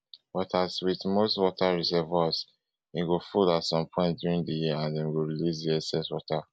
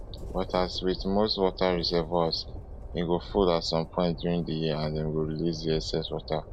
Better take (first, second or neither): first